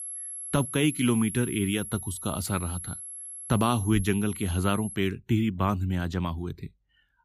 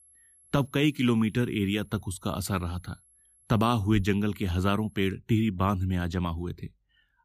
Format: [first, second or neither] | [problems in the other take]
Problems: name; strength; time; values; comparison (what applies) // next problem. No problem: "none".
second | high-pitched whine; loud; until 5 s; 11 kHz, 8 dB below the speech; faint in the second